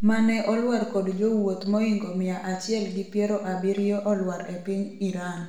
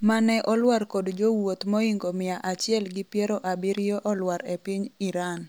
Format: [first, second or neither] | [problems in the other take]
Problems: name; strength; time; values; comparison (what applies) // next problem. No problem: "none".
second | room echo; dies away in 0.8 s